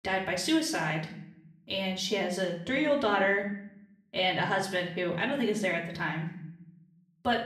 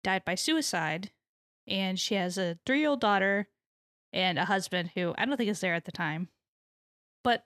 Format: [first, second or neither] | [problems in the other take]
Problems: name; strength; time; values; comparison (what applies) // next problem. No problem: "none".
second | room echo; slight; dies away in 0.6 s // off-mic speech; far